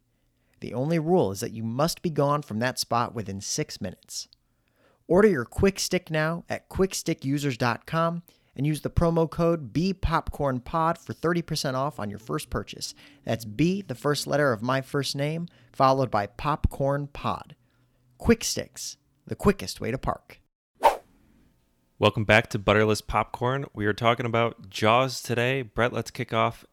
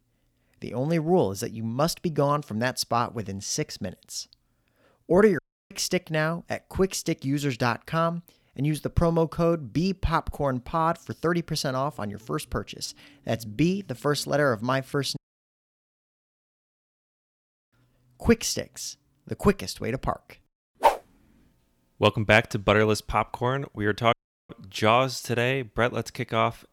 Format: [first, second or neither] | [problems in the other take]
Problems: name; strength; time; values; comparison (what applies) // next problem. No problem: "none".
first | audio cutting out; at 5.5 s, at 15 s for 2.5 s and at 24 s